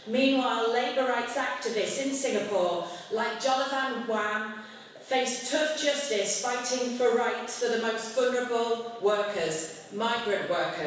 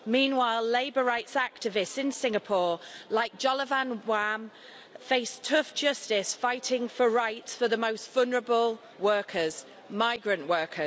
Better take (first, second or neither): second